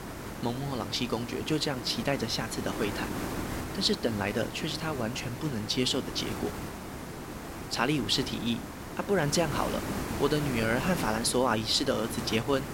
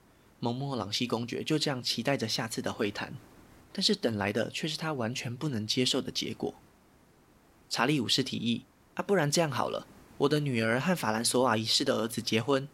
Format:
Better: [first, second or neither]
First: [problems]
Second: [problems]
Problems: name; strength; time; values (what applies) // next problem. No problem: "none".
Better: second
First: hiss; loud; throughout; 7 dB below the speech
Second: hiss; faint; throughout; 30 dB below the speech